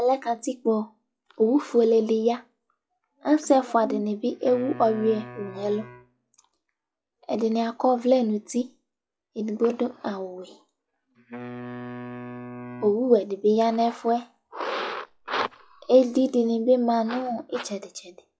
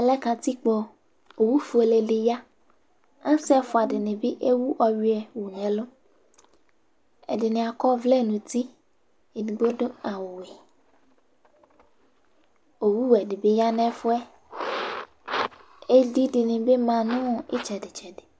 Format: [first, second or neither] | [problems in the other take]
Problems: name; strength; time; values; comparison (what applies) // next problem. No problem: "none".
second | noise reduction (classical method log-MMSE)